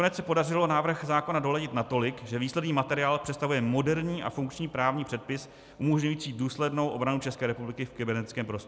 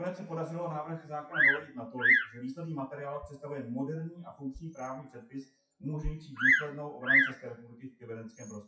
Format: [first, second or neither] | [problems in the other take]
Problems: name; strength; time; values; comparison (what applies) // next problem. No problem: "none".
first | noise reduction (classical method WPE with log-MMSE)